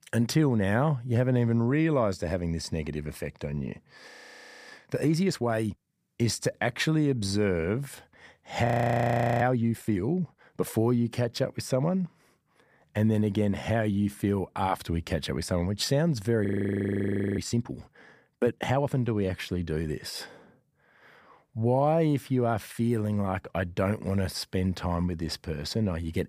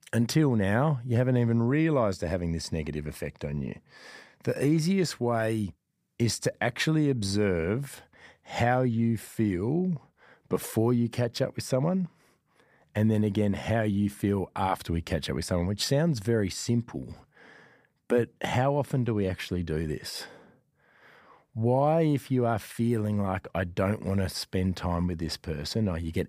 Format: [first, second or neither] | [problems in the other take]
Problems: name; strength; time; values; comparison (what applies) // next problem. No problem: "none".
second | audio freezing; at 4 s for 0.5 s, at 8.5 s for 1 s and at 16 s for 1 s